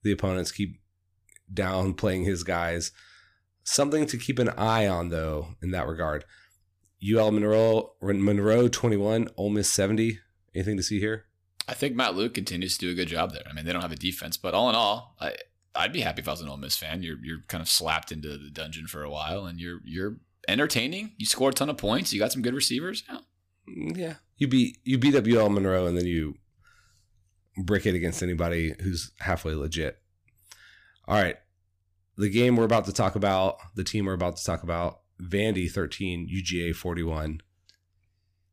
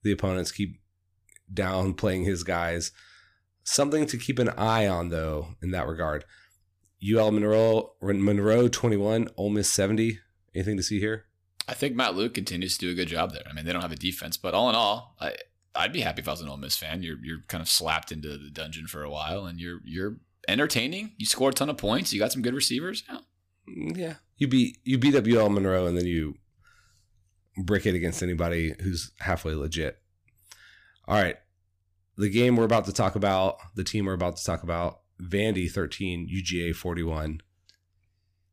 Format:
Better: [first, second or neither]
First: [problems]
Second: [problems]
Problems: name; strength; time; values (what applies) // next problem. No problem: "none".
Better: neither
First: none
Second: none